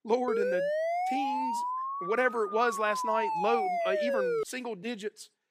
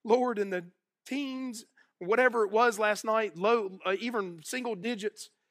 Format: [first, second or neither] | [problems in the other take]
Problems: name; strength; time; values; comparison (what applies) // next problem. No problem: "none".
second | siren; loud; until 4.5 s; peak 3 dB above the speech